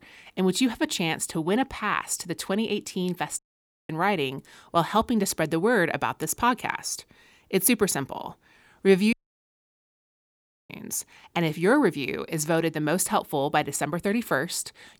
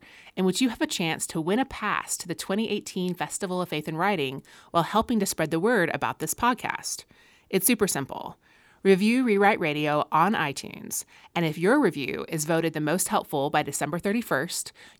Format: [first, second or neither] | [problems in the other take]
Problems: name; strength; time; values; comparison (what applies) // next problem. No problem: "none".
second | audio cutting out; at 3.5 s for 0.5 s and at 9 s for 1.5 s